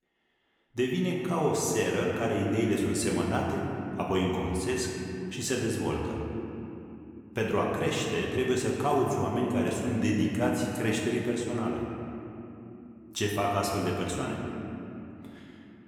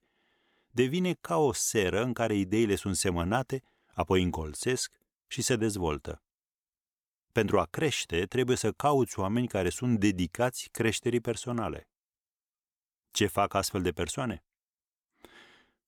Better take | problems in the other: second | room echo; noticeable; dies away in 2.9 s // off-mic speech; far

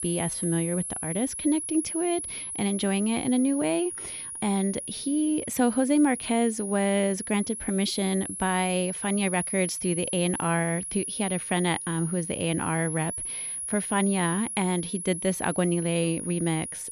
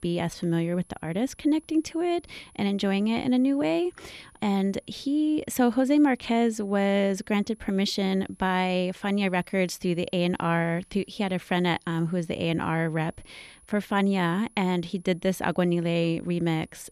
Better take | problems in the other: second | high-pitched whine; loud; throughout; 10.5 kHz, 5 dB below the speech; faint in the second

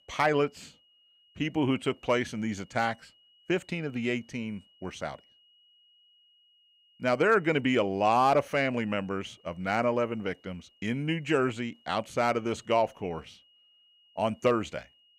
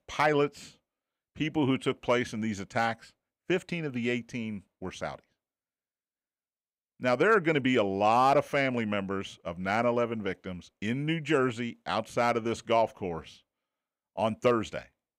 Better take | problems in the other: second | high-pitched whine; faint; throughout; 3 kHz, 30 dB below the speech

